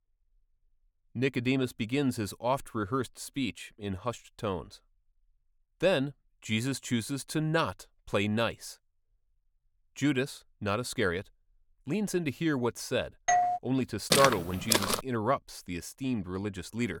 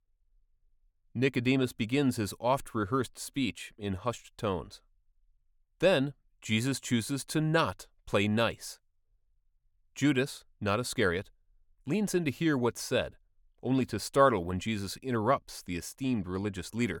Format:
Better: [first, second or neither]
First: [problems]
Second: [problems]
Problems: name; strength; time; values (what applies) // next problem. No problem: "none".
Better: second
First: doorbell; loud; at 13 s; peak 5 dB above the speech // footsteps; loud; at 14 s; peak 6 dB above the speech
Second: none